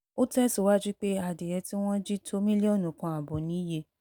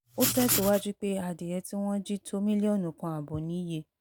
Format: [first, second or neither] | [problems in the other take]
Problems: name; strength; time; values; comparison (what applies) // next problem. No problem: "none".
first | background sound (Writing); 1 dB below the speech